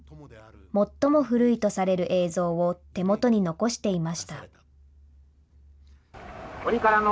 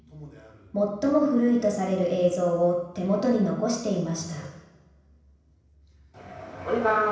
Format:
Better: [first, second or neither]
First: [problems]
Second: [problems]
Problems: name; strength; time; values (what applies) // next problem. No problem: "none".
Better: first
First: none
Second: room echo; dies away in 0.9 s